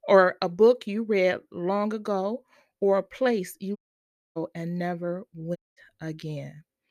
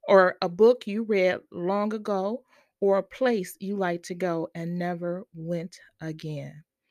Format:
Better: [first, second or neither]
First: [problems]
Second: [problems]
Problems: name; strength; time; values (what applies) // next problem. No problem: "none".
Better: second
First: audio cutting out; at 4 s for 0.5 s and at 5.5 s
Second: none